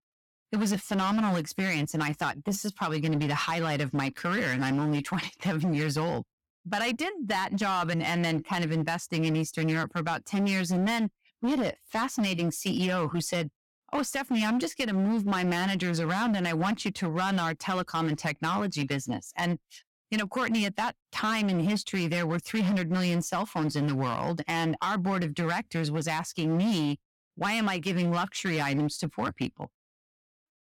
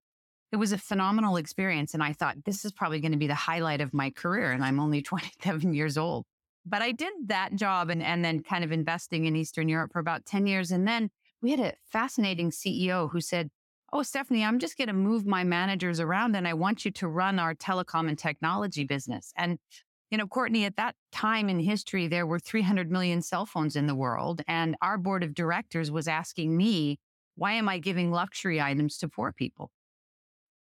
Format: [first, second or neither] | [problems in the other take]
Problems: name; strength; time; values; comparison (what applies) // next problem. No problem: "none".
second | distortion; slight; 14% of the sound clipped